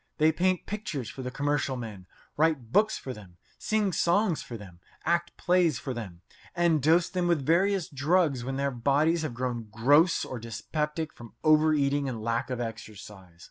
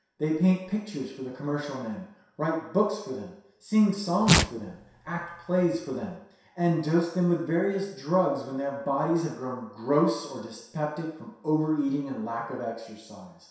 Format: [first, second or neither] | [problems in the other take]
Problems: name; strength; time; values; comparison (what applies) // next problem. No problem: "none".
first | background sound (Tearing); 1 dB below the speech // room echo; dies away in 0.7 s